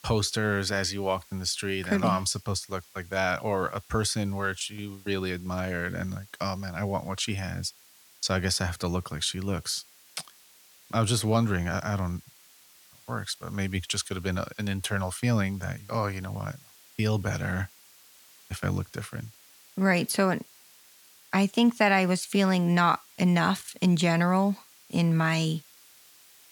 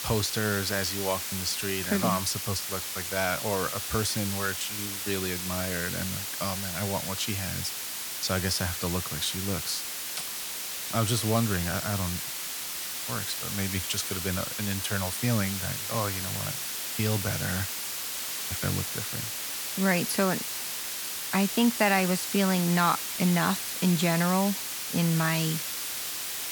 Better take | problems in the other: first | hiss; loud; throughout; 2 dB below the speech; faint in the first

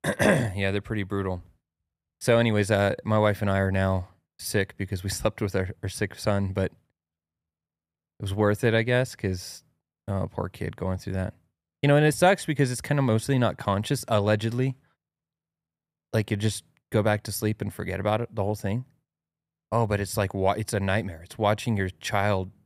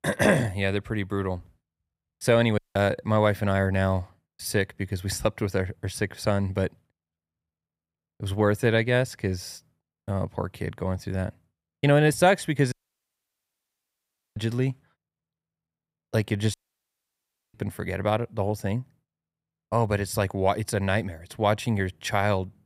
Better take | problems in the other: first | audio cutting out; at 2.5 s, at 13 s for 1.5 s and at 17 s for 1 s

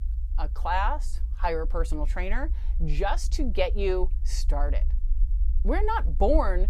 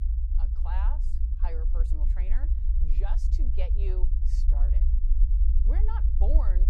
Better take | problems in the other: first | low rumble; loud; throughout; 5 dB below the speech; faint in the first

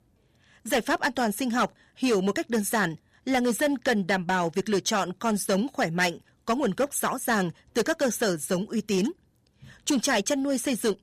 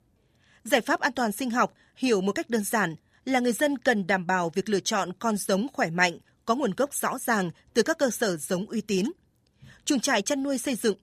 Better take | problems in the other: second | distortion; slight; 6% of the sound clipped

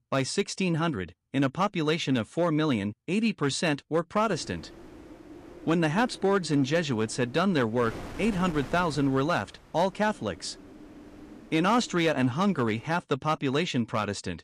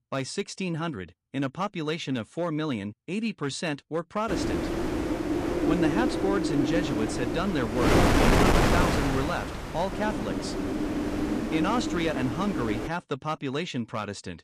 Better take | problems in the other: first | wind noise on the microphone; heavy; from 4.5 to 13 s; 2 dB above the speech; occasional gusts in the first

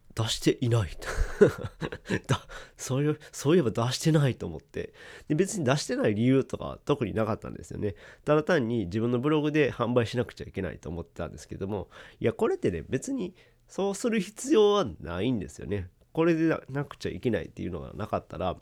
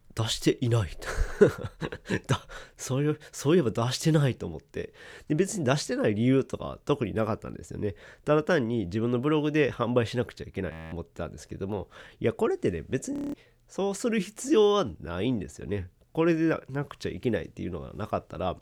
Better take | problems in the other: first | audio freezing; at 11 s and at 13 s

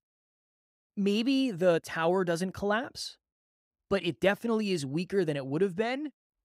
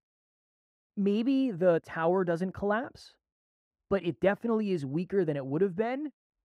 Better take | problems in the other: first | muffled; slightly; fading above 2.5 kHz

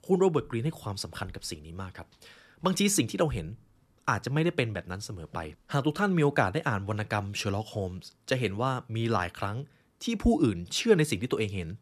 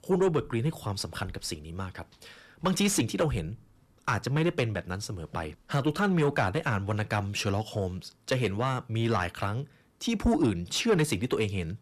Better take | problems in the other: first | distortion; slight; 10 dB below the speech

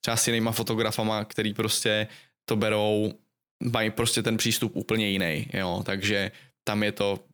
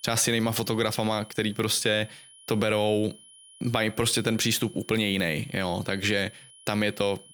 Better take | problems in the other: first | high-pitched whine; faint; throughout; 3 kHz, 25 dB below the speech

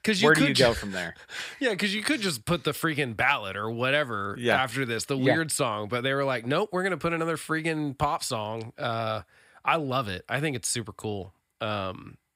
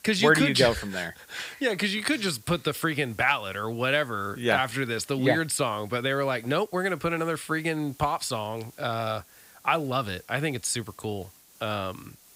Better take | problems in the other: first | hiss; faint; throughout; 25 dB below the speech

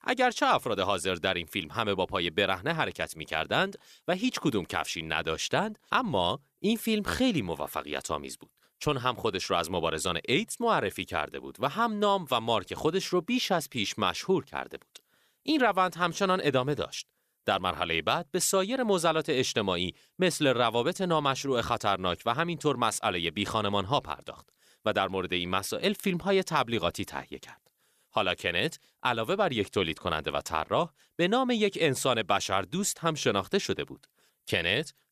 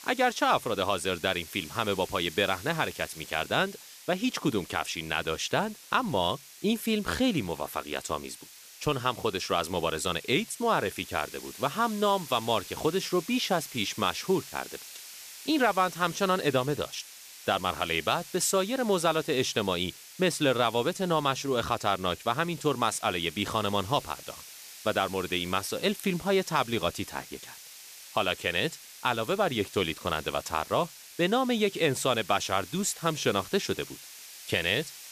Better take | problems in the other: first | hiss; noticeable; throughout; 15 dB below the speech

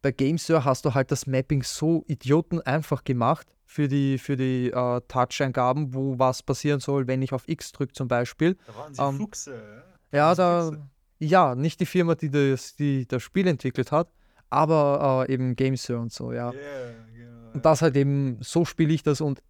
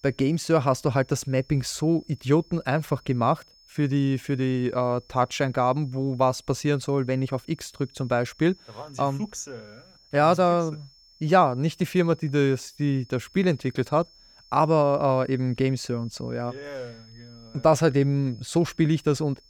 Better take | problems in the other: first | high-pitched whine; faint; throughout; 5.5 kHz, 30 dB below the speech

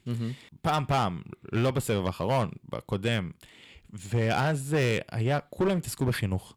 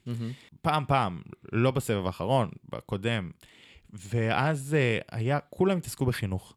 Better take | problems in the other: second | distortion; slight; 7% of the sound clipped

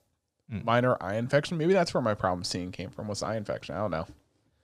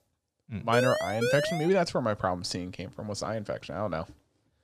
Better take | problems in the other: first | siren; loud; at 0.5 s; peak 1 dB above the speech

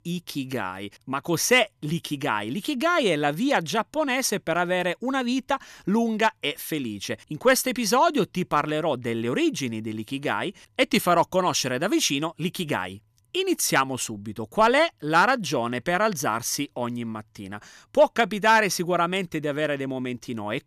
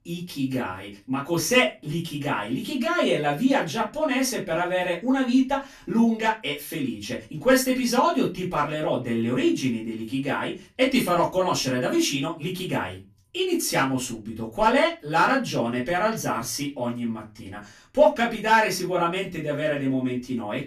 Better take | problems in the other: first | off-mic speech; far // room echo; very slight; dies away in 0.2 s

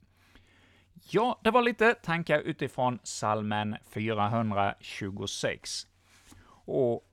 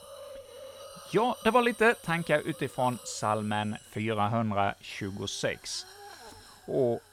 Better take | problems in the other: first | hiss; noticeable; throughout; 20 dB below the speech

